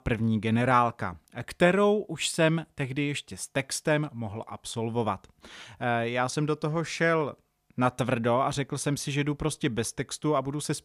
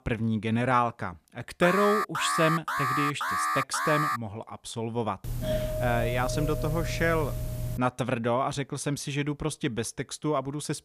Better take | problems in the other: first | alarm; loud; from 1.5 to 4 s; peak 2 dB above the speech // doorbell; noticeable; from 5 to 8 s; peak 1 dB below the speech

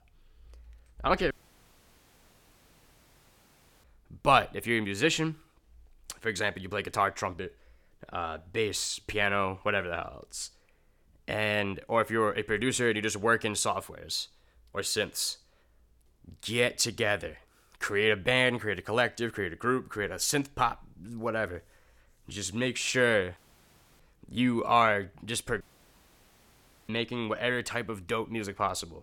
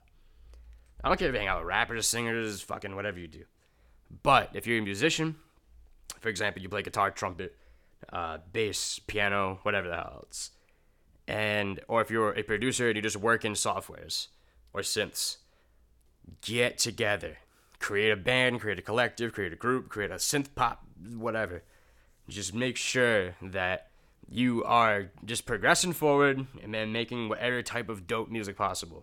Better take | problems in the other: second | audio cutting out; at 1.5 s for 2.5 s, at 23 s for 0.5 s and at 26 s for 1.5 s

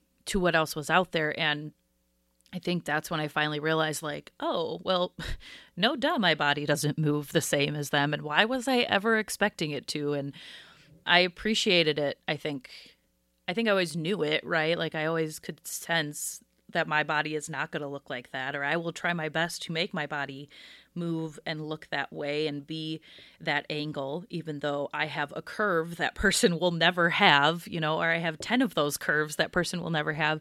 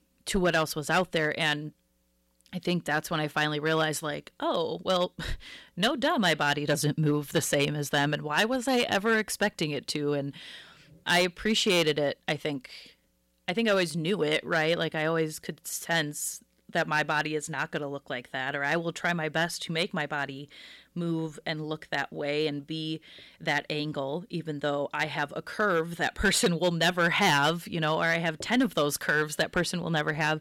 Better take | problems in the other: first | distortion; slight; 2% of the sound clipped

